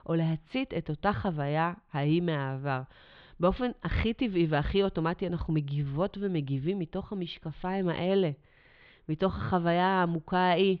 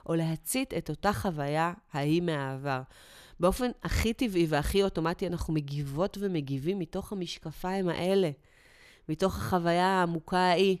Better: second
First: muffled; slightly; fading above 3.5 kHz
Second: none

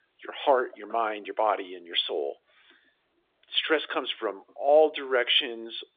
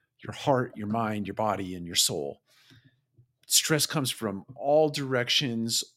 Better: second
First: phone-call audio; nothing above 3.5 kHz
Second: none

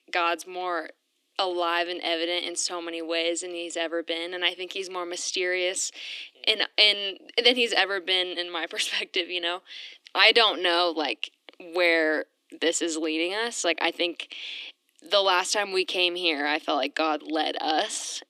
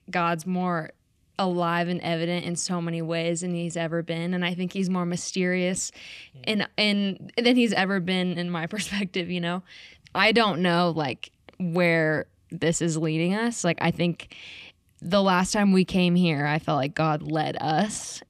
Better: second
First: thin; very; fading below 300 Hz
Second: none

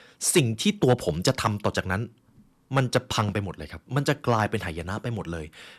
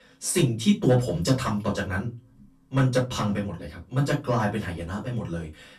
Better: first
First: none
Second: off-mic speech; far // room echo; very slight; dies away in 0.2 s

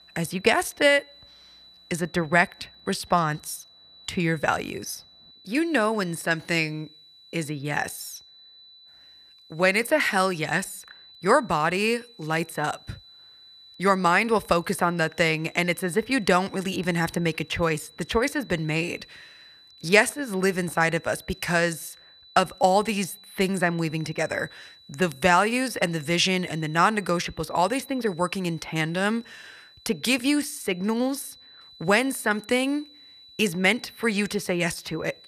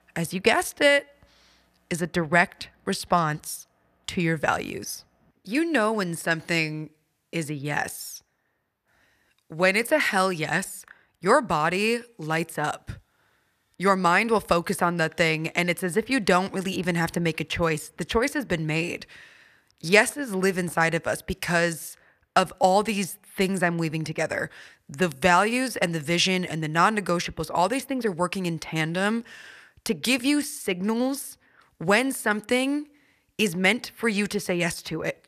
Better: second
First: high-pitched whine; faint; throughout; 4 kHz, 25 dB below the speech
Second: none

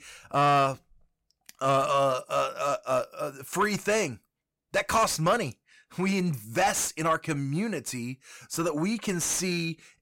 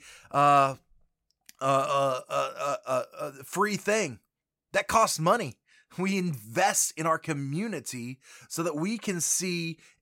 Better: second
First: distortion; slight; 10 dB below the speech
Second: none

